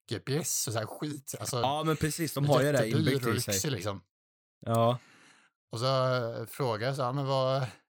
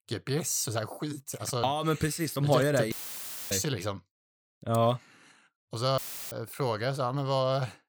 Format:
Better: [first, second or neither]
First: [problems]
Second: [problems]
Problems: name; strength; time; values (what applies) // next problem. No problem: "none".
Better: first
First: none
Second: audio cutting out; filled with static; at 3 s for 0.5 s and at 6 s